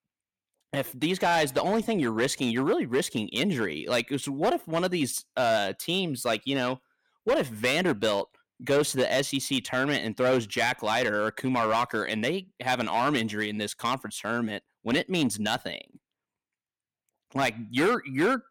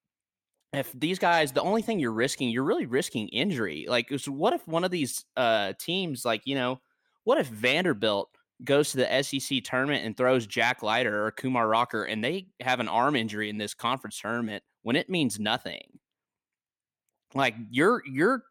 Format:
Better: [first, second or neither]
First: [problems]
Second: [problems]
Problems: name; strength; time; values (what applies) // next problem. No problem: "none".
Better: second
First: distortion; slight; 5% of the sound clipped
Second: none